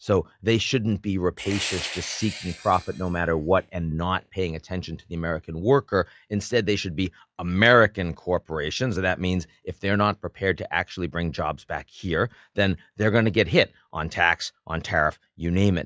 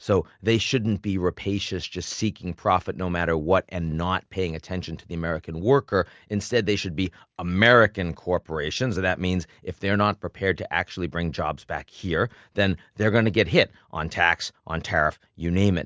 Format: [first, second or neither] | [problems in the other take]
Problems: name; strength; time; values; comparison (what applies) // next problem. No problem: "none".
second | noise reduction (classical method log-MMSE)